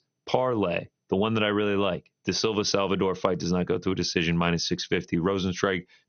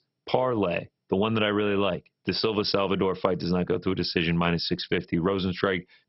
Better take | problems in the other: first | garbled, watery; badly; nothing above 5.5 kHz; slightly in the first

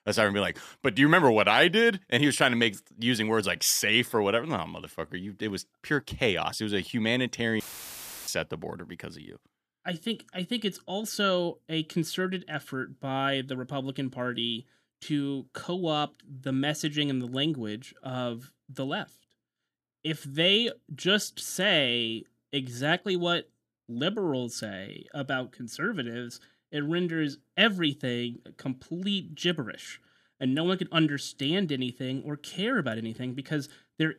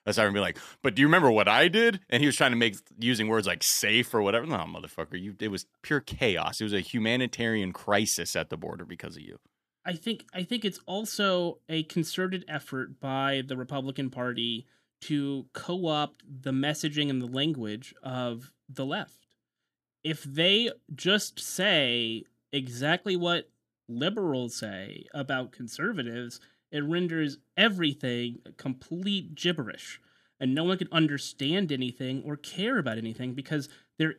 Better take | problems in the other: second | audio cutting out; filled with static; at 7.5 s for 0.5 s

